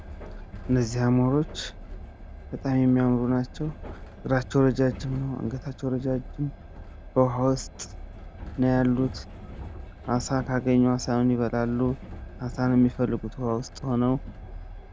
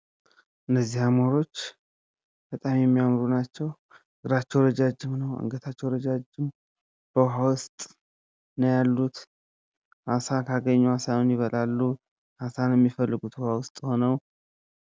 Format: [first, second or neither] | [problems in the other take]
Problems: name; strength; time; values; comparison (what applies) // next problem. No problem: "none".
second | background sound (Train); 13 dB below the speech